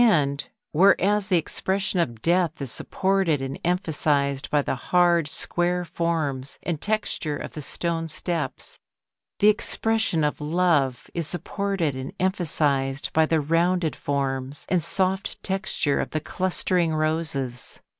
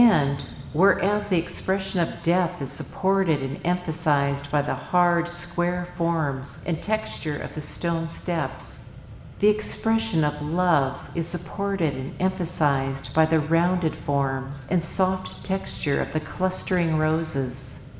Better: first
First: none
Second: background sound (Mechanisms); 16 dB below the speech // room echo; dies away in 1.7 s

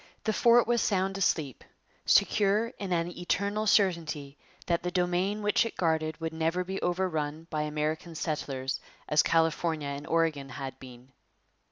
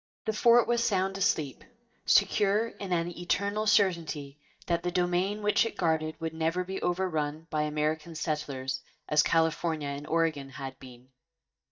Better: first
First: none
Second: noise reduction (neural mask model DeepFilterNet 3)

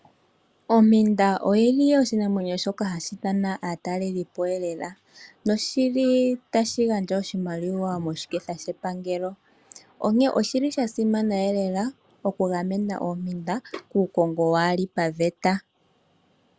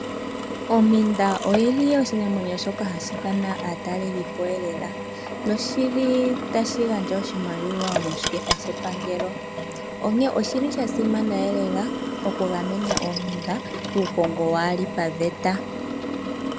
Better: first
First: none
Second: background sound (Drill); 5 dB below the speech

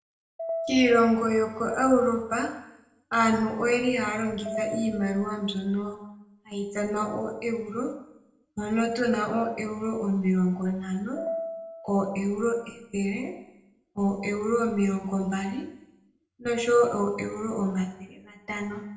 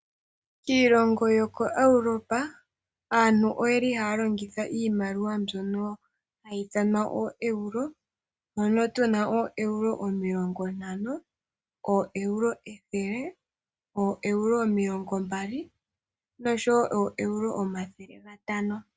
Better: second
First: background sound (Piano); 10 dB below the speech // room echo; dies away in 0.7 s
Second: none

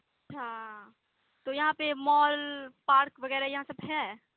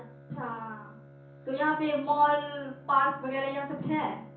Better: first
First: none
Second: background sound (Bowed string instrument); 20 dB below the speech // room echo; dies away in 0.6 s

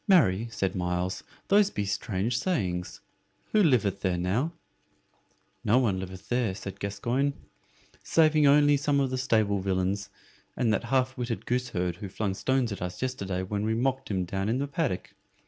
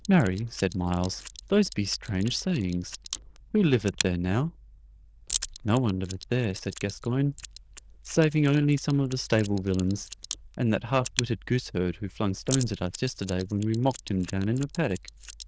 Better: first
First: none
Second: noise reduction (neural diffusion model UNIVERSE++)

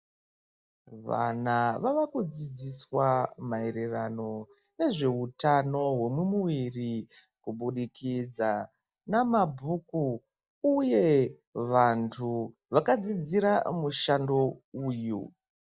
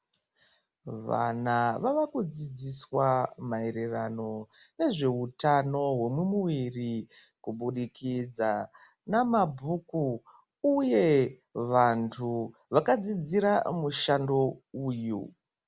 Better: second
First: noise reduction (neural mask model DeepFilterNet 3)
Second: none

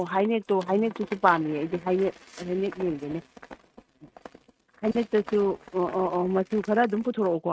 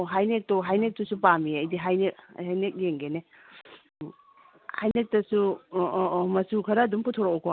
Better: second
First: noise reduction (neural mask model RNNoise)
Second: none

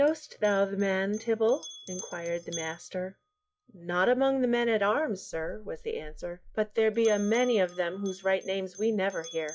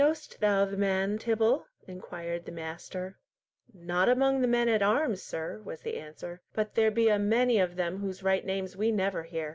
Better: second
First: noise reduction (classical method log-MMSE)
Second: none

